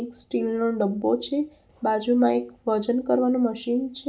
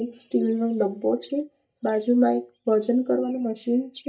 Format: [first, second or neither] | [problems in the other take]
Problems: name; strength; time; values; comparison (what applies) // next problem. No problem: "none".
first | noise reduction (neural mask model DeepFilterNet 3)